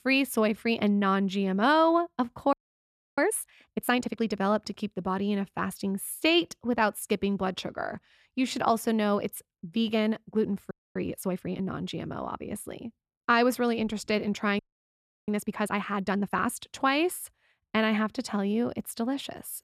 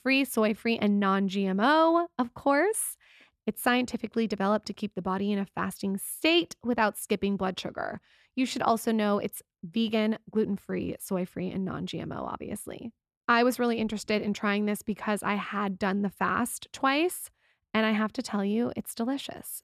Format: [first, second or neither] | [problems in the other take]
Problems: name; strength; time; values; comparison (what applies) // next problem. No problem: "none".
second | audio freezing; at 2.5 s for 0.5 s, at 11 s and at 15 s for 0.5 s